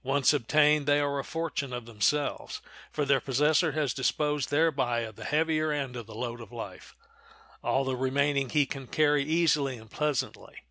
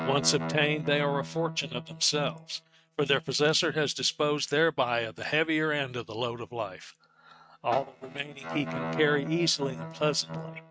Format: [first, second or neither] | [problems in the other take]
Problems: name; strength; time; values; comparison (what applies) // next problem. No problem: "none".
first | noise reduction (neural mask model RNNoise)